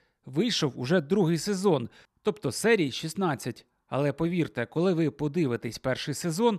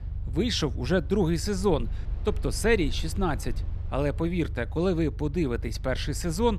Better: first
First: none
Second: low rumble; faint; throughout; 20 dB below the speech

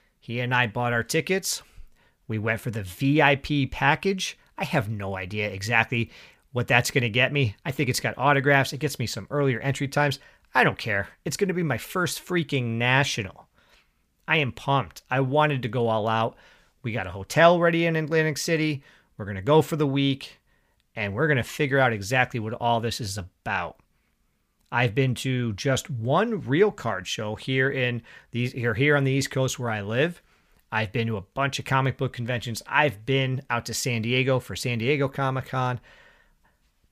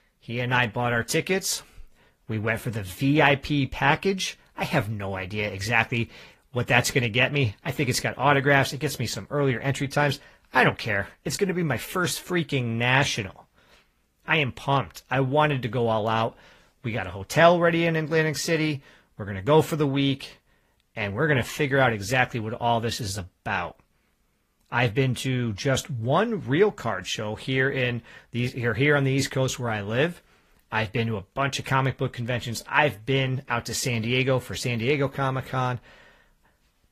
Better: first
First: none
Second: garbled, watery; slightly; nothing above 15 kHz

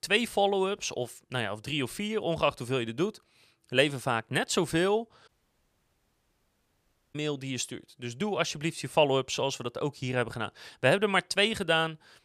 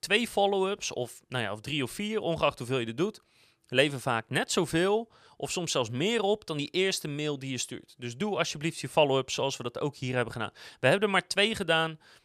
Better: second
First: audio cutting out; at 5.5 s for 2 s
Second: none

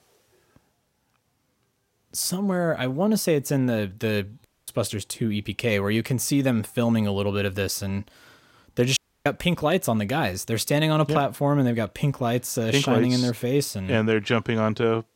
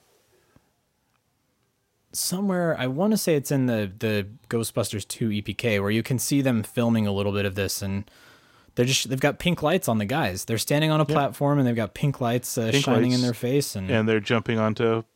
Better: second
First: audio cutting out; at 4.5 s and at 9 s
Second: none

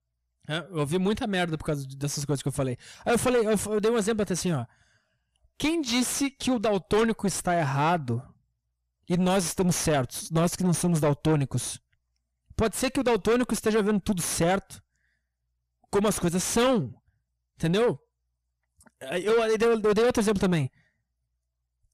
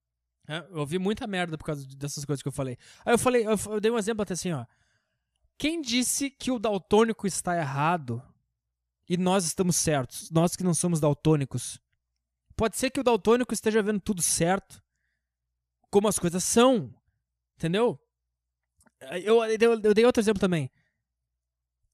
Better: second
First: distortion; heavy; 6 dB below the speech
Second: none

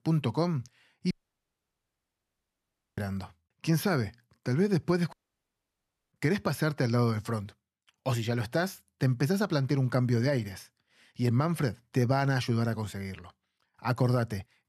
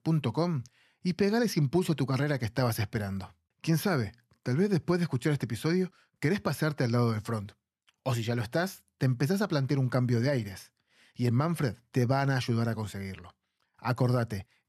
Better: second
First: audio cutting out; at 1 s for 2 s and at 5 s for 1 s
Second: none

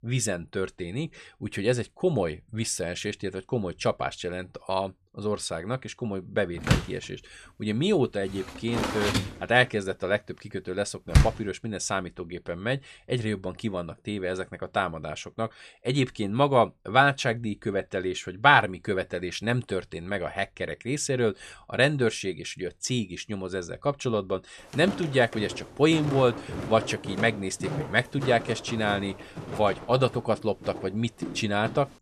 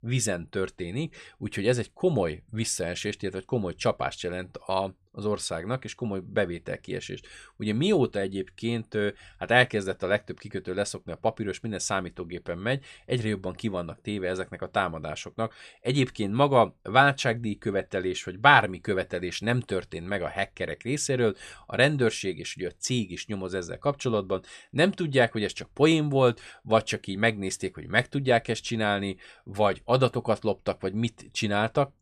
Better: second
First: door banging; loud; from 6.5 to 11 s; peak 4 dB above the speech // footsteps; noticeable; from 25 s on; peak 6 dB below the speech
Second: none

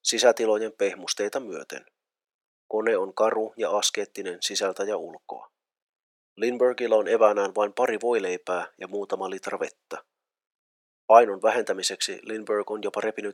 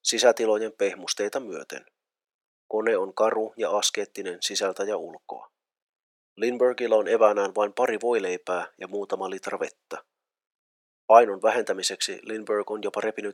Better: neither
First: thin; very; fading below 650 Hz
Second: thin; very; fading below 650 Hz

